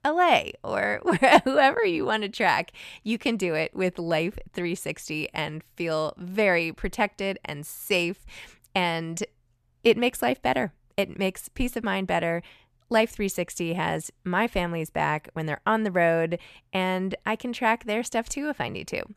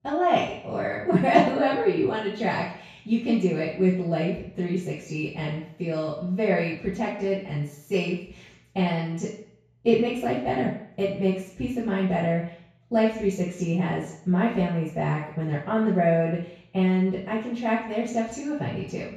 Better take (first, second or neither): first